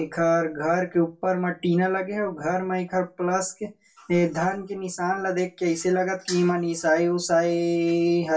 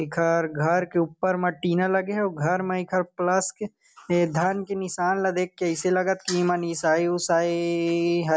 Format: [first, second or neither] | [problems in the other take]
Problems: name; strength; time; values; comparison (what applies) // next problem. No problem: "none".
second | room echo; dies away in 0.2 s